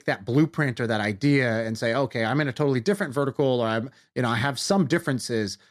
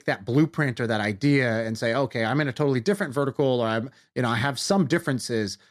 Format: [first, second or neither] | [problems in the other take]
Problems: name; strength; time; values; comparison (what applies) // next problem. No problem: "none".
neither | none